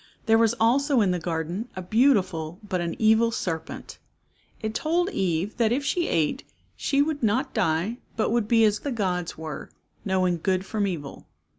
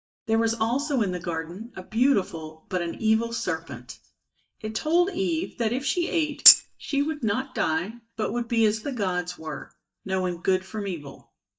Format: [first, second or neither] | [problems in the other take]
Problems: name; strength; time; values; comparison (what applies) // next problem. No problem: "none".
first | noise reduction (neural mask model DeepFilterNet 3)